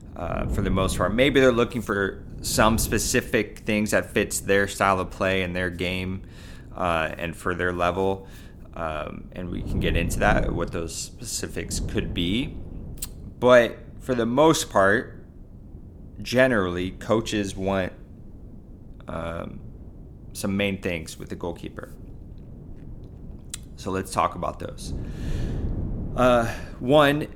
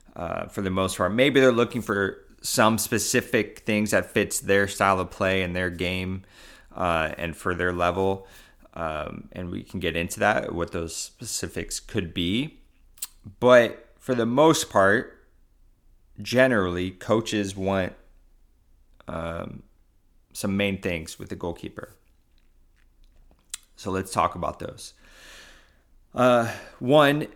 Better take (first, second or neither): second